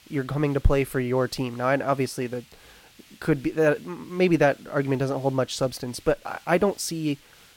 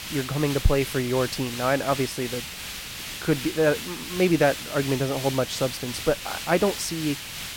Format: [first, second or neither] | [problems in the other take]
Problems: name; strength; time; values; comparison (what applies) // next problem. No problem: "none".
first | hiss; loud; throughout; 7 dB below the speech; faint in the first